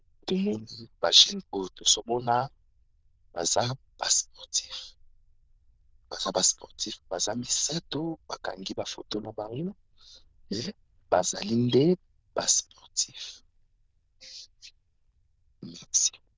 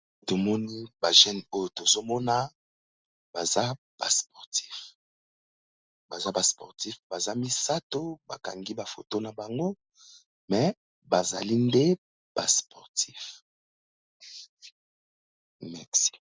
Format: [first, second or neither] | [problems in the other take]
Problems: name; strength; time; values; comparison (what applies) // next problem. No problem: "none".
second | noise reduction (neural diffusion model UNIVERSE++)